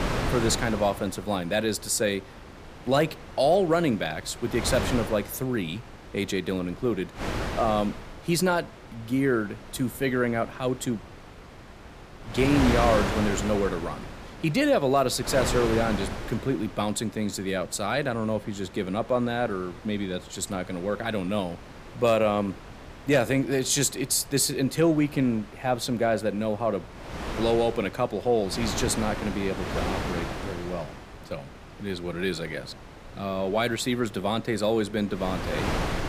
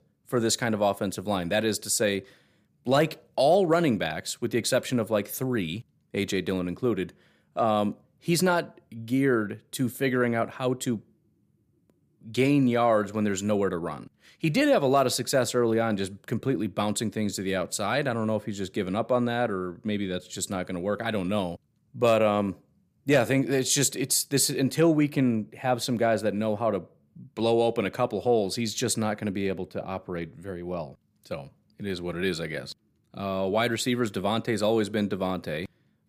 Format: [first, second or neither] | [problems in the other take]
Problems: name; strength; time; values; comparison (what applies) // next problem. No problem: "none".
second | wind noise on the microphone; heavy; 9 dB below the speech